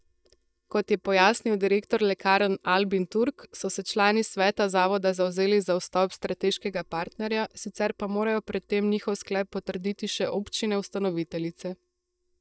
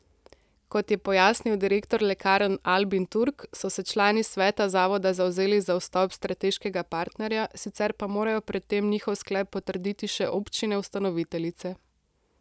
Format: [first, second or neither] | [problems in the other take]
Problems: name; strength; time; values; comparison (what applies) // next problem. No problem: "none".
second | noise reduction (neural mask model DeepFilterNet 3)